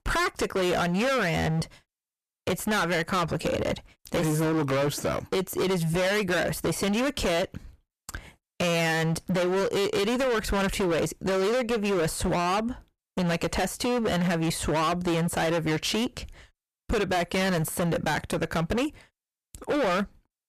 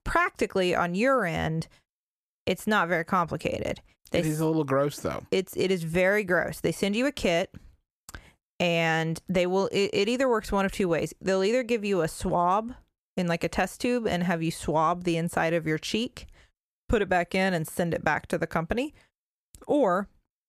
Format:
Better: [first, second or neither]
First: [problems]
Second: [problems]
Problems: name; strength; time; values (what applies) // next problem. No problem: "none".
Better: second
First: distortion; heavy; 28% of the sound clipped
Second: none